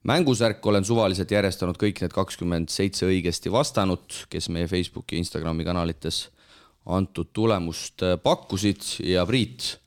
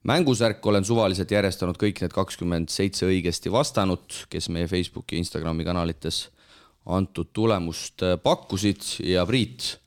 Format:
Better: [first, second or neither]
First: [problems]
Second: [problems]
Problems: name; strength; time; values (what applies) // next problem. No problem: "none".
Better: neither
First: none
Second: none